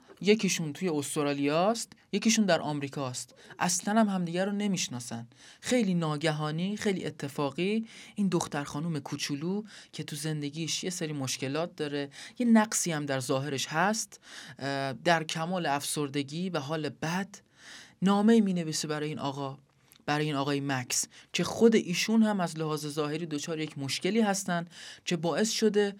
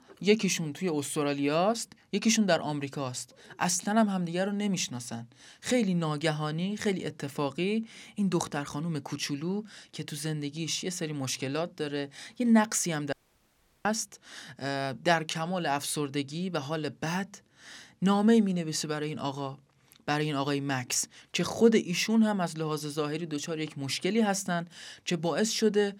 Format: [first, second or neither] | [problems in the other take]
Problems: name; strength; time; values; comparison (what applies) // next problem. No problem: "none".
first | audio cutting out; at 13 s for 0.5 s